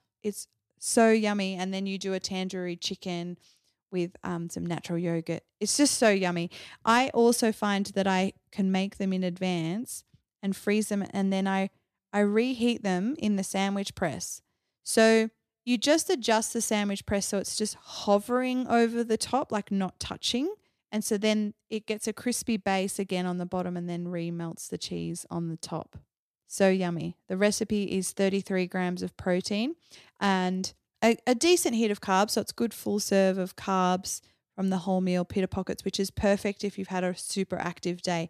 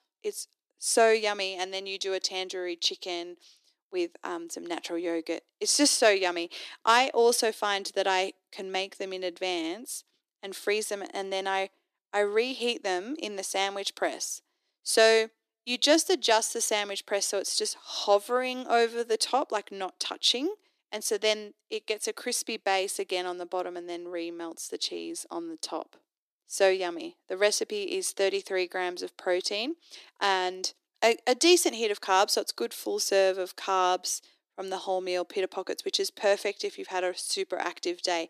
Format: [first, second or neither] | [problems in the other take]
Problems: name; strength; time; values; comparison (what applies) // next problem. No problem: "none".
first | thin; somewhat; fading below 300 Hz